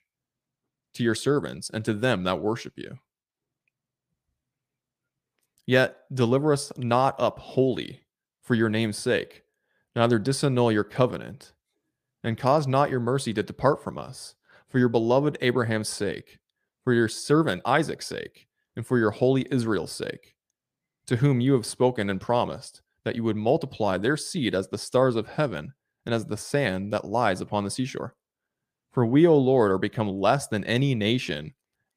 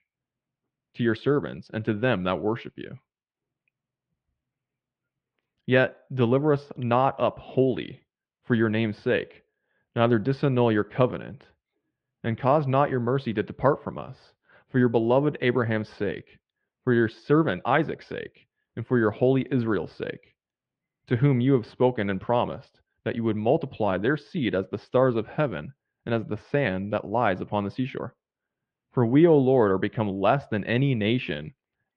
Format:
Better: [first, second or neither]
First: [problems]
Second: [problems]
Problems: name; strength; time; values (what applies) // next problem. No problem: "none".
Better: first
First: none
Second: muffled; very; fading above 3 kHz